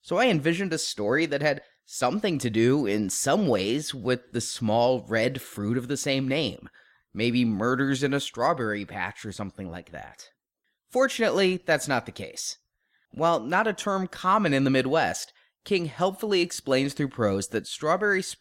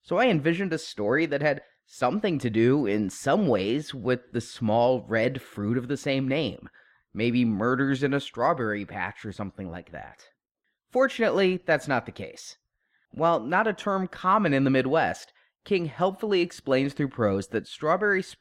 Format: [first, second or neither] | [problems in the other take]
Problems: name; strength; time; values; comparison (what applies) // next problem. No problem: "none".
first | muffled; slightly; fading above 4 kHz